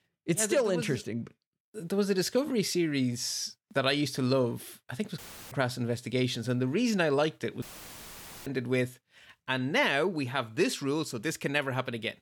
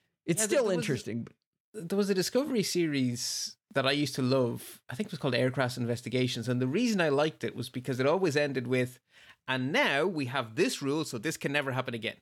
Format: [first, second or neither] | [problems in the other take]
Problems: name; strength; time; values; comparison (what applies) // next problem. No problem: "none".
second | audio cutting out; filled with static; at 5 s and at 7.5 s for 1 s